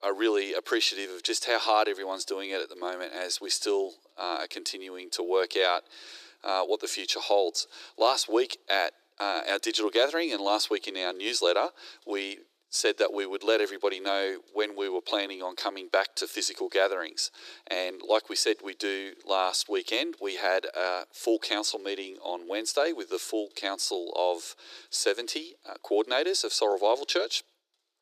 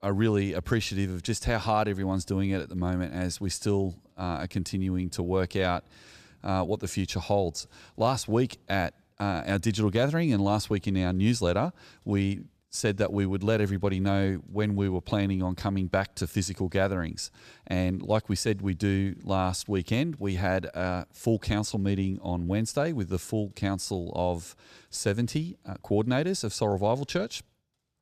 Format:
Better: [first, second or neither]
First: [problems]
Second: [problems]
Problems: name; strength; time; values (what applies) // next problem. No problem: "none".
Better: second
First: thin; very; fading below 350 Hz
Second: none